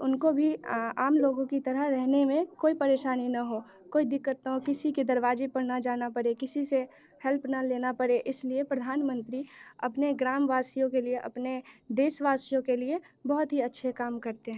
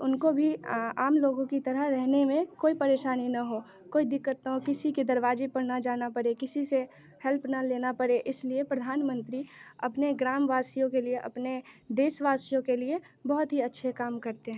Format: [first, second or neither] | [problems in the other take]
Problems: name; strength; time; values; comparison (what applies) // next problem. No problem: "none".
second | noise reduction (neural separator model SepFormer DNS4)